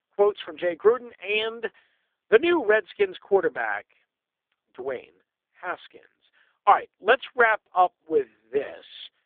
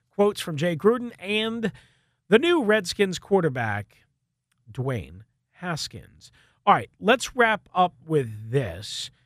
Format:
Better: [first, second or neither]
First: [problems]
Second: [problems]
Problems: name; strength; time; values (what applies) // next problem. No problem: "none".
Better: second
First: phone-call audio; poor line; nothing above 3.5 kHz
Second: none